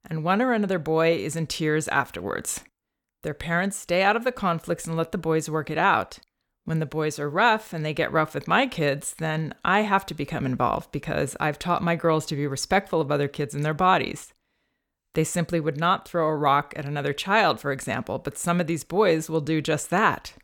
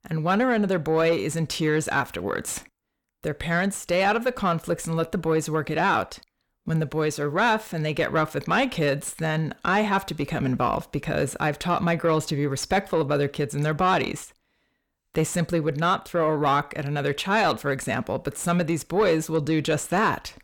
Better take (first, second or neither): first